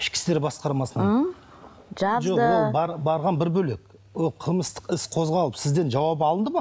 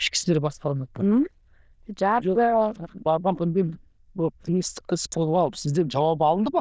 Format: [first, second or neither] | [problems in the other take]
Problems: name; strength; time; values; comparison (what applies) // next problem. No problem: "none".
first | noise reduction (neural diffusion model UNIVERSE++)